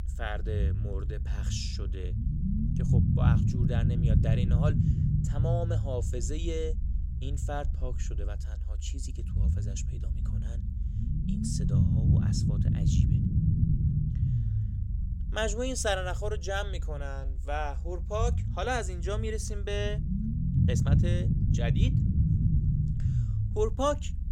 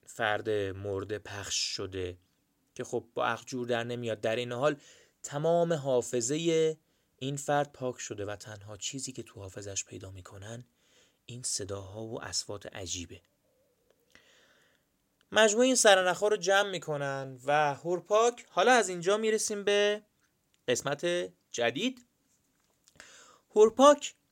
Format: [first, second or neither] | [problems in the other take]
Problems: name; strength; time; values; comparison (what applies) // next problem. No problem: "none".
second | low rumble; loud; throughout; 5 dB below the speech